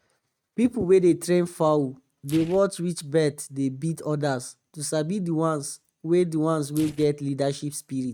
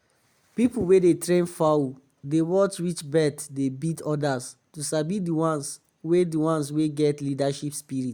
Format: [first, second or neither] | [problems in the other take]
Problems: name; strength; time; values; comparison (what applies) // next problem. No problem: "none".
second | noise reduction (neural mask model RNNoise)